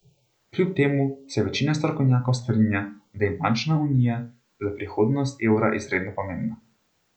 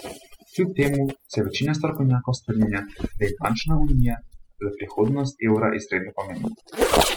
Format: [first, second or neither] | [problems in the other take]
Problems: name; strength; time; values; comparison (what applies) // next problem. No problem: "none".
first | noise reduction (classical method spectral subtraction)